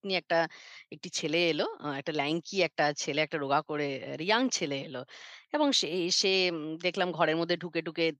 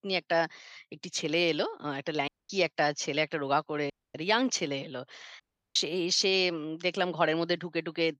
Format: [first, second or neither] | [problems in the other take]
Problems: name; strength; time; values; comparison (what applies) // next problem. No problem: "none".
first | audio cutting out; at 2.5 s, at 4 s and at 5.5 s